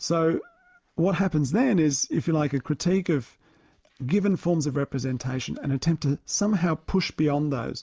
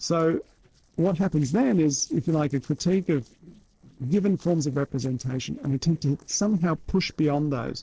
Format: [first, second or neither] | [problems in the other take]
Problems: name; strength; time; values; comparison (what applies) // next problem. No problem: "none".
first | noise reduction (neural separator model SepFormer DNS4)